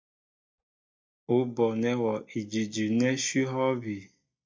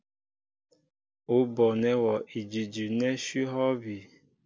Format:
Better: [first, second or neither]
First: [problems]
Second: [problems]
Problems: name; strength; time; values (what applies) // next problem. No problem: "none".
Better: second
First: noise reduction (neural mask model DeepFilterNet 3)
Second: none